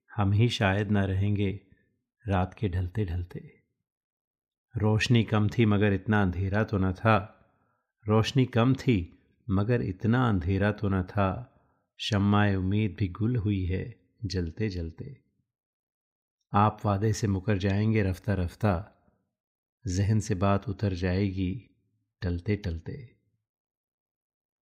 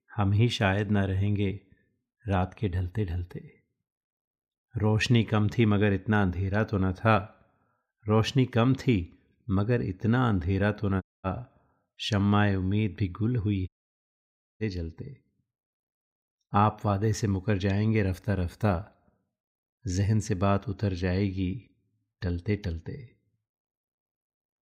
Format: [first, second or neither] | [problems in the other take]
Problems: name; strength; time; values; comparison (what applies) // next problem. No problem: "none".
first | audio cutting out; at 11 s and at 14 s for 1 s